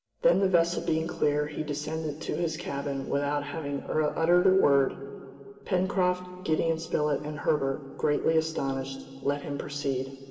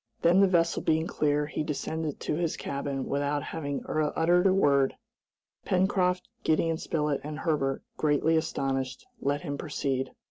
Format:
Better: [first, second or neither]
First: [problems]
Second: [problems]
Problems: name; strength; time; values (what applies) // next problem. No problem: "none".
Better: second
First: room echo; dies away in 2.3 s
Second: none